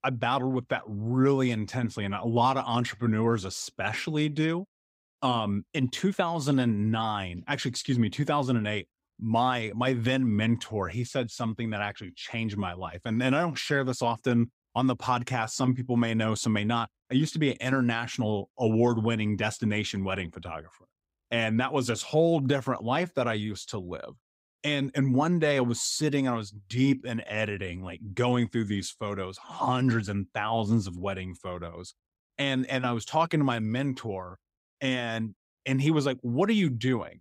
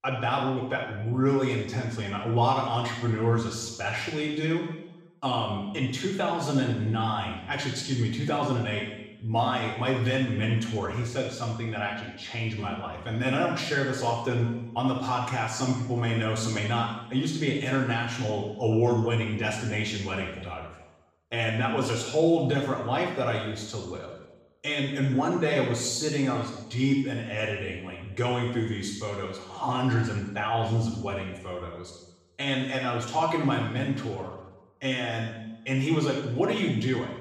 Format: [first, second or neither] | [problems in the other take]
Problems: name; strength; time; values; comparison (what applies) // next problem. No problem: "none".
first | room echo; noticeable; dies away in 0.9 s // off-mic speech; far